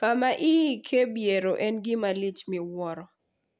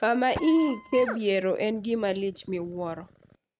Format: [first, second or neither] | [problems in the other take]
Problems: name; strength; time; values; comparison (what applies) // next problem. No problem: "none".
first | noise reduction (neural mask model RNNoise)